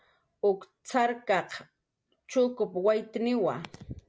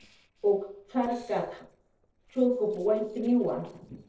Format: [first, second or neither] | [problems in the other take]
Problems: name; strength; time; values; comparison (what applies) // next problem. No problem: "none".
first | noise reduction (neural separator model SepFormer DNS4)